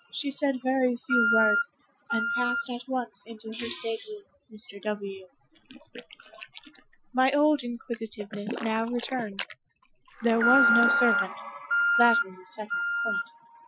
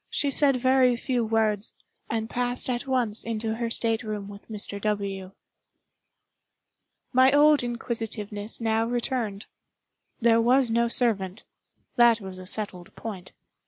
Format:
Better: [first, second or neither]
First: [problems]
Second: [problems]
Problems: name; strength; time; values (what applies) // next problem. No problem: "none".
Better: second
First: noise reduction (classical method Wiener filter)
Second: none